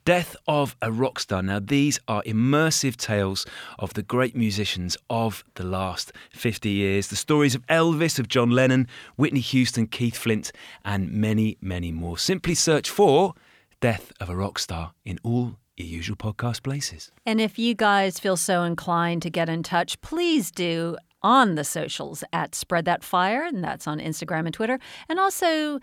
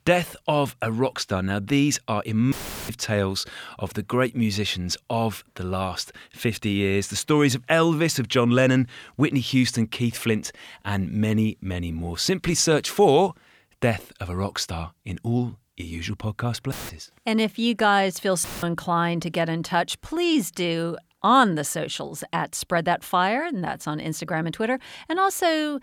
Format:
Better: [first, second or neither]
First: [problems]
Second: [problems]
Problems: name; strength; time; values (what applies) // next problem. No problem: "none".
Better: first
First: none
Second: audio cutting out; filled with static; at 2.5 s, at 17 s and at 18 s